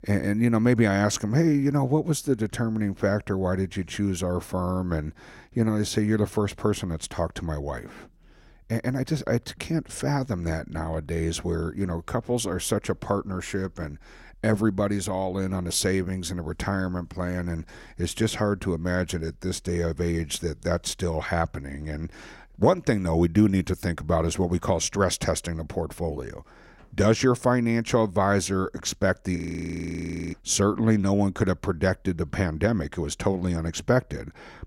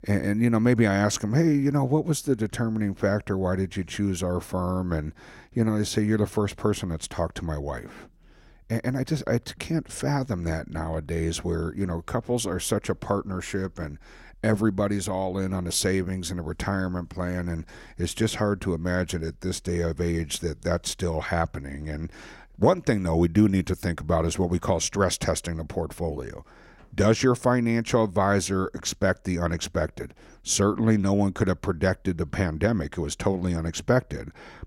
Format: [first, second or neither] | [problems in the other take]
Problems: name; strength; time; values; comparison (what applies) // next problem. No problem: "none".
second | audio freezing; at 29 s for 1 s